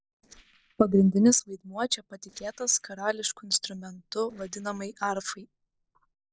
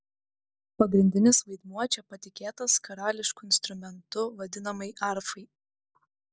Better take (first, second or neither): second